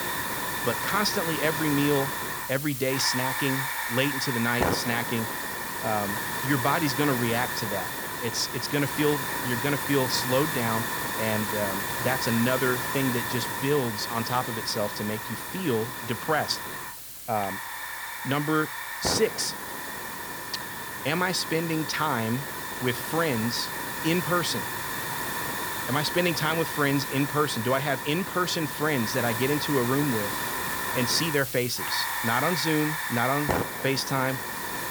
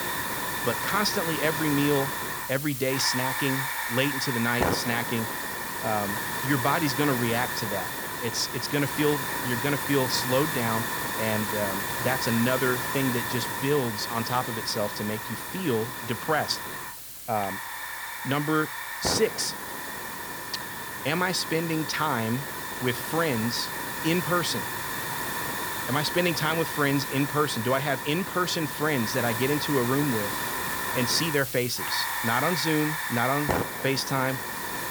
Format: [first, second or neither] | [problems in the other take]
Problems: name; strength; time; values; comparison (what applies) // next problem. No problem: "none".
neither | hiss; loud; throughout; 2 dB below the speech; the same in both